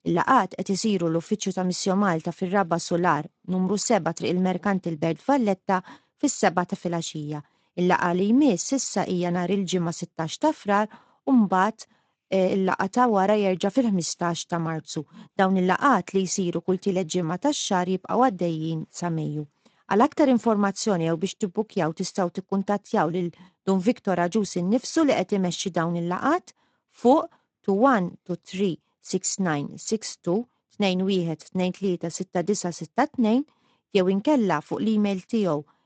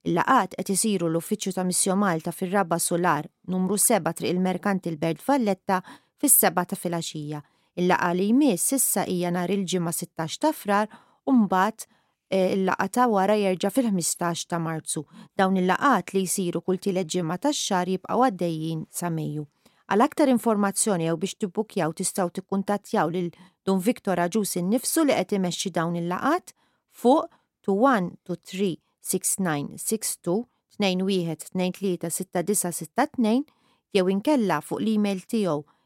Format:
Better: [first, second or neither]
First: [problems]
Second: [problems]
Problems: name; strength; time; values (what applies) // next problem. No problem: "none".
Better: second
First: garbled, watery; slightly; nothing above 7.5 kHz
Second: none